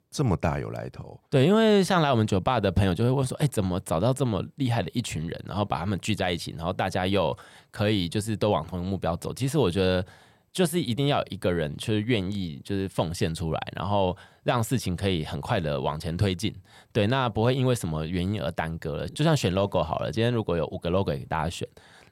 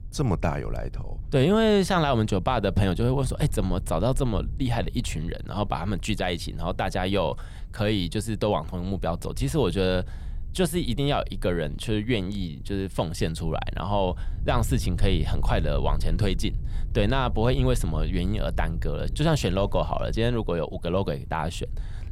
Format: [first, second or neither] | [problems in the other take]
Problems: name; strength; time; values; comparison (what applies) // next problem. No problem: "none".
first | low rumble; faint; throughout; 25 dB below the speech